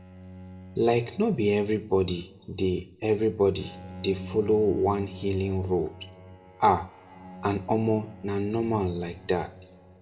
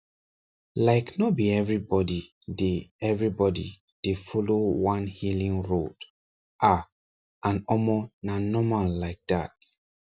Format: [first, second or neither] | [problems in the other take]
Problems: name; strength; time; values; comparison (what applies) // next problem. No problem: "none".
second | background sound (Bowed string instrument); 17 dB below the speech // room echo; dies away in 0.9 s